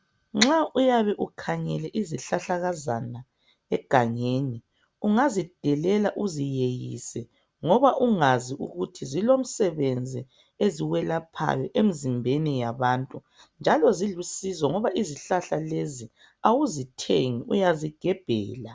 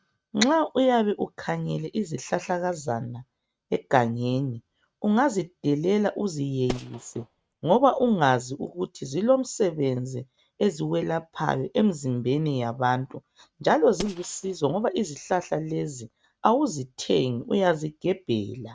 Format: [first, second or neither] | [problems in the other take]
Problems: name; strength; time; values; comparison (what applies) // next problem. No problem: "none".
first | noise reduction (neural mask model RNNoise)